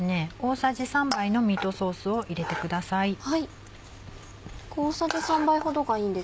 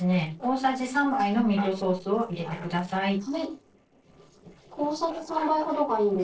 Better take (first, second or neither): first